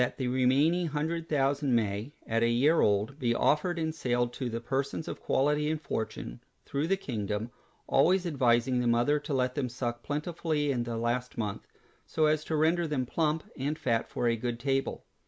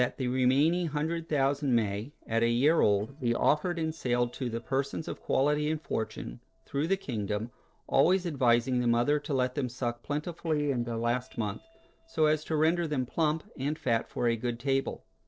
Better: first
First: none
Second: noise reduction (neural separator model SepFormer DNS4)

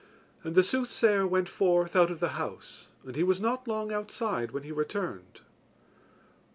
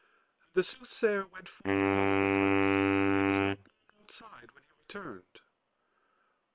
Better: first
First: none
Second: noise reduction (neural separator model SepFormer WHAM!)

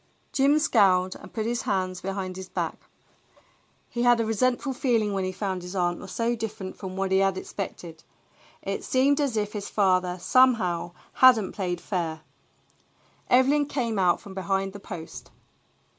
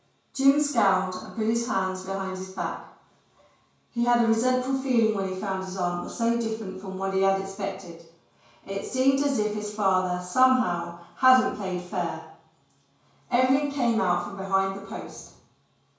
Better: first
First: none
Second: room echo; dies away in 0.5 s

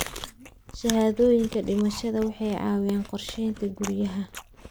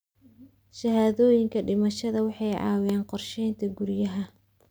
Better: second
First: background sound (Chewing, mastication); 14 dB below the speech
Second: none

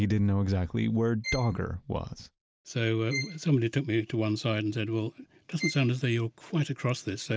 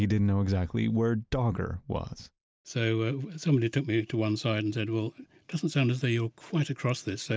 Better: second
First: background sound (Bowed string instrument); 12 dB below the speech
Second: none

